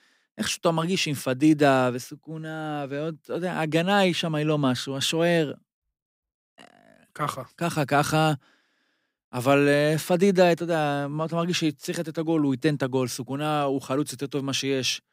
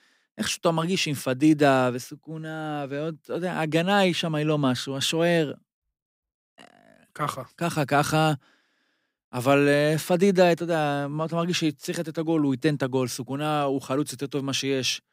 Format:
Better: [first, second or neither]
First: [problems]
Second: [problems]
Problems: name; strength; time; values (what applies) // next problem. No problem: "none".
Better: neither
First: none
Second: none